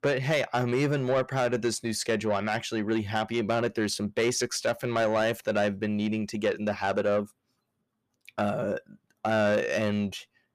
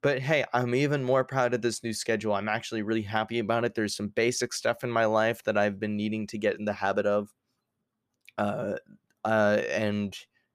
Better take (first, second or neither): second